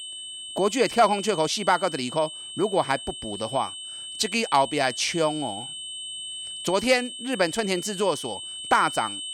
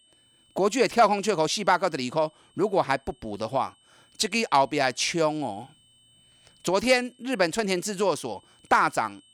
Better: second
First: high-pitched whine; loud; throughout; 3 kHz, 9 dB below the speech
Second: high-pitched whine; faint; throughout; 3 kHz, 35 dB below the speech

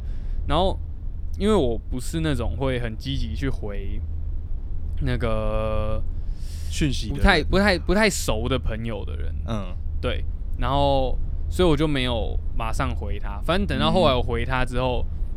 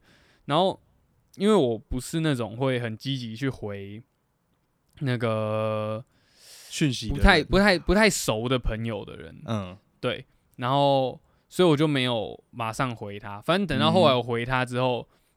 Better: second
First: low rumble; faint; throughout; 25 dB below the speech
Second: none

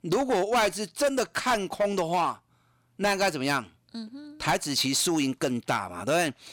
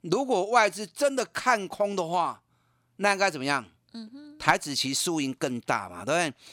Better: second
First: distortion; heavy; 8% of the sound clipped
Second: none

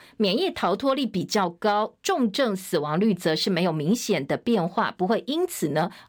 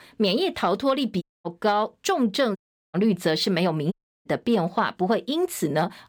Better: first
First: none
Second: audio cutting out; at 1 s, at 2.5 s and at 4 s

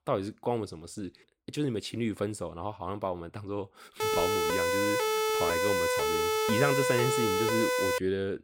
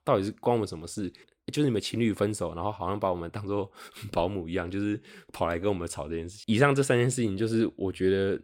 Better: second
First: siren; loud; from 4 s on; peak 6 dB above the speech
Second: none

